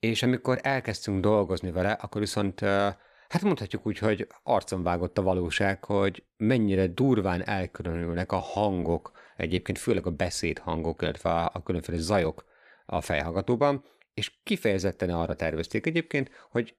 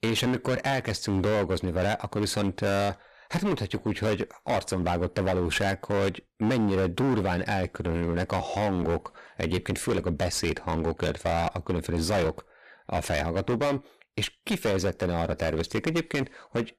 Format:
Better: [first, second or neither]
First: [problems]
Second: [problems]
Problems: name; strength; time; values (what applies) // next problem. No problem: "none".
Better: first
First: none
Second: distortion; heavy; 20% of the sound clipped